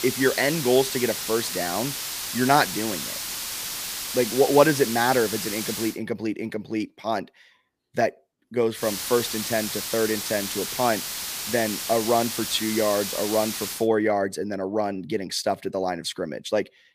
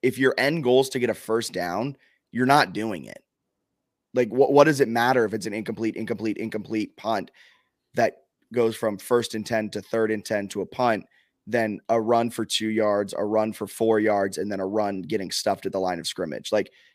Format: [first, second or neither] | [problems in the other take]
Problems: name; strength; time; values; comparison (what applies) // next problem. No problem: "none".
second | hiss; loud; until 6 s and from 9 to 14 s; 4 dB below the speech